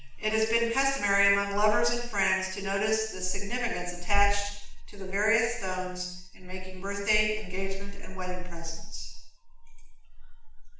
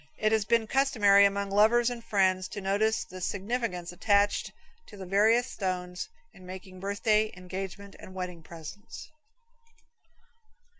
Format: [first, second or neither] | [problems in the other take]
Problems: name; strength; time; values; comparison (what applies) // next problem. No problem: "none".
second | room echo; dies away in 0.7 s